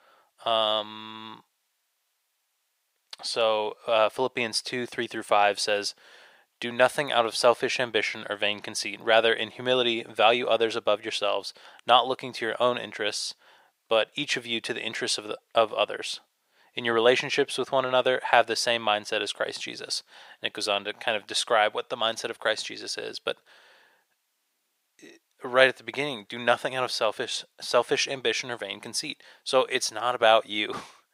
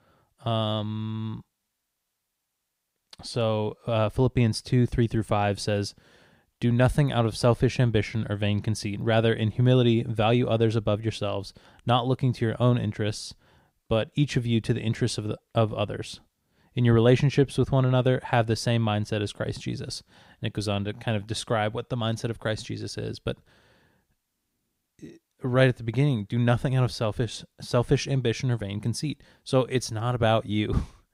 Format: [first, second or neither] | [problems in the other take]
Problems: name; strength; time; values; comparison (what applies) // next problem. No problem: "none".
second | thin; very; fading below 650 Hz